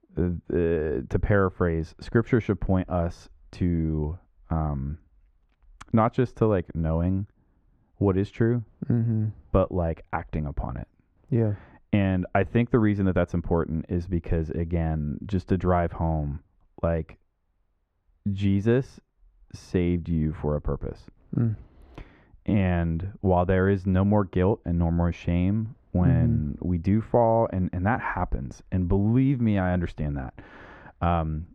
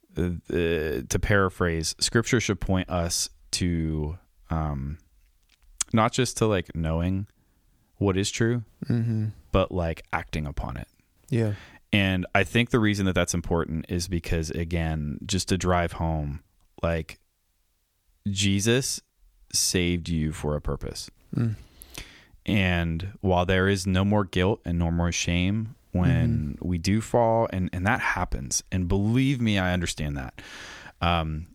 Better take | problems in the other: second | muffled; very; fading above 3 kHz

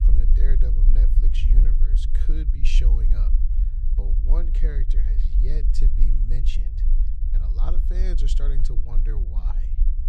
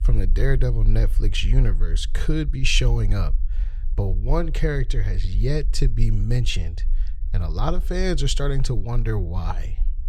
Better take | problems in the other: second | low rumble; loud; throughout; 5 dB below the speech; faint in the second

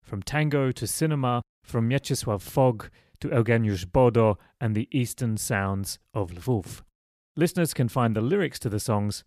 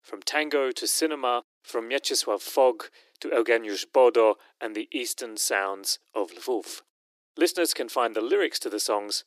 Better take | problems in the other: first | thin; very; fading below 300 Hz

